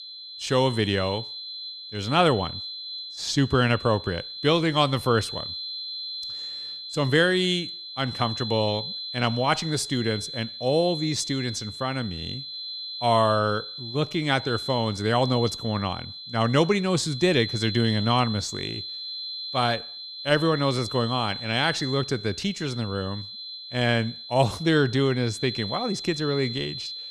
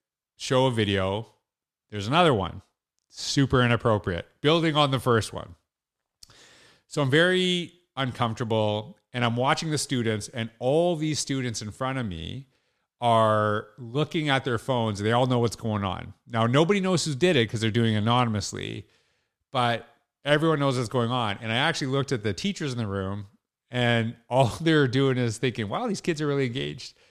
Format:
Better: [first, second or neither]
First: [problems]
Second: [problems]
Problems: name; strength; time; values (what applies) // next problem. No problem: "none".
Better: second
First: high-pitched whine; loud; throughout; 4 kHz, 8 dB below the speech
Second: none